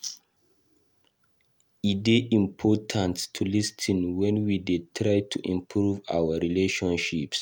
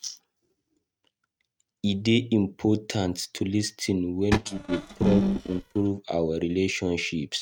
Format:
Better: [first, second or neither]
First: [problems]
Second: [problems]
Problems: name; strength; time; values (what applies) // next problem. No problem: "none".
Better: first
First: none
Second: noise reduction (neural mask model RNNoise)